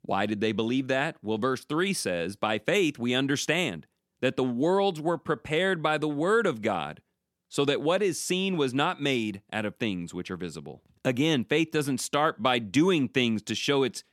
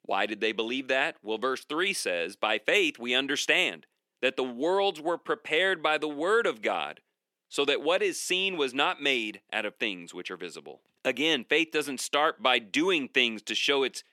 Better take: first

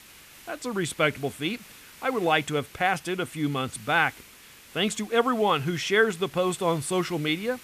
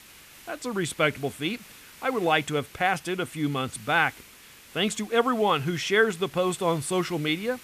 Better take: neither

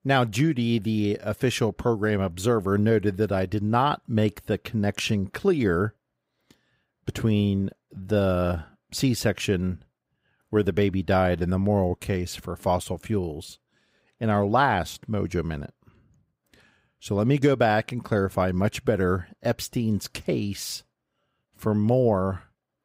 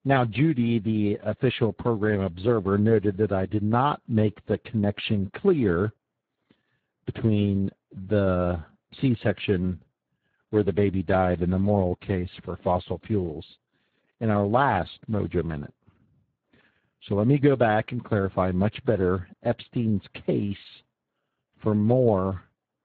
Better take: first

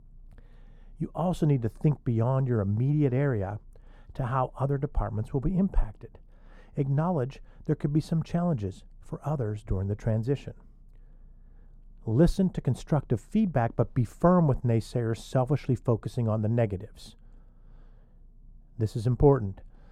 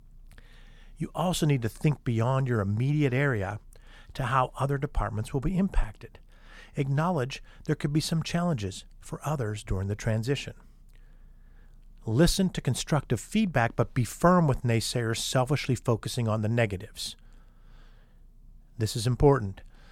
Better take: second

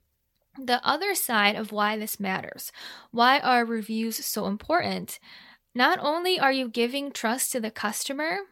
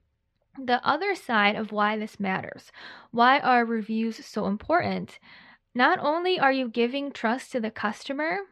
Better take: first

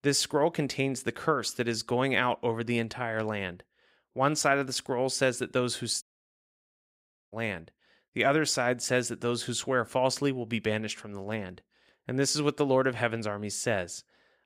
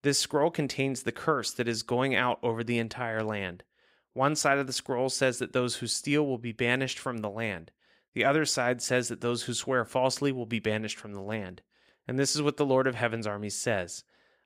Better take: second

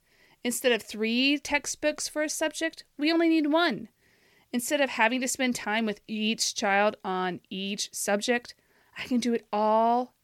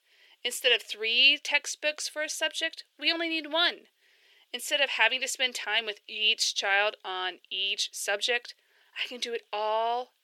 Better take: first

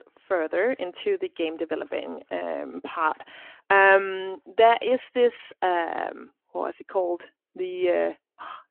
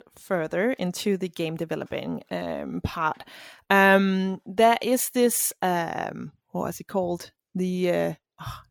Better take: second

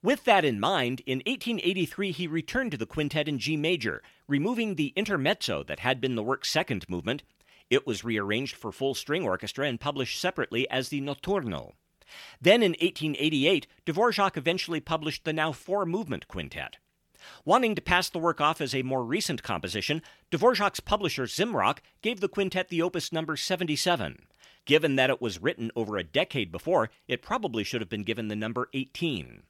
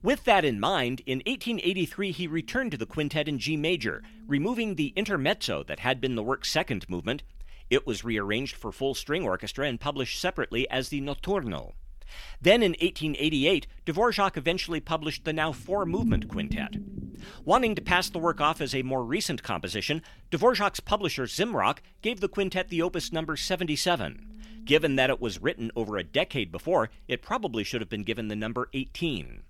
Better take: first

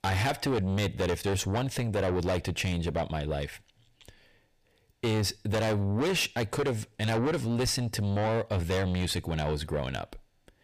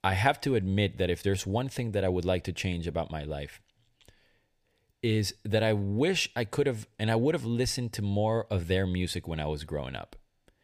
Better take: second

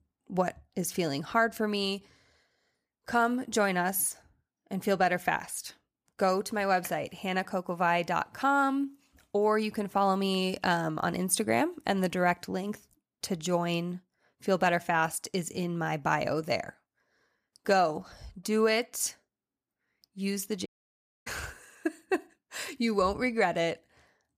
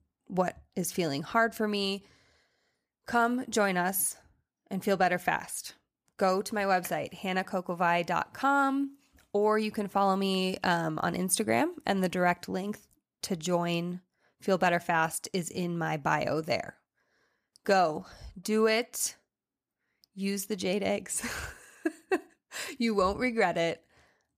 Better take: second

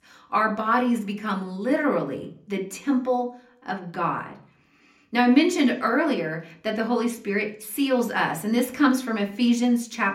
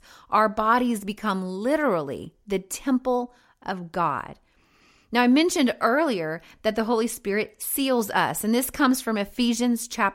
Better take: second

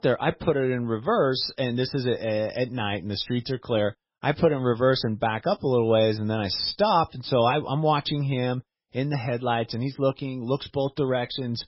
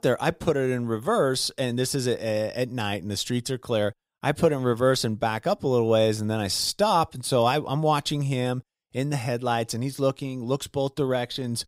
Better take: second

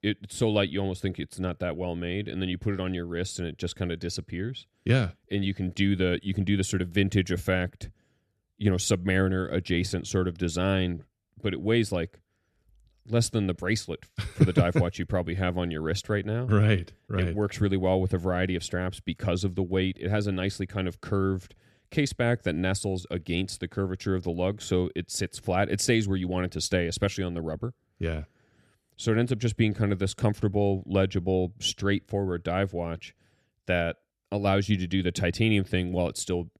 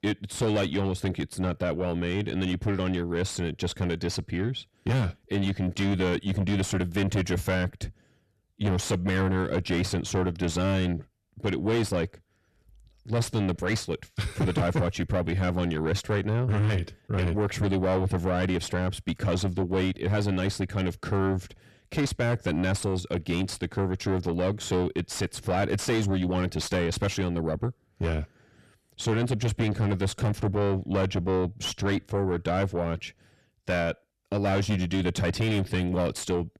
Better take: first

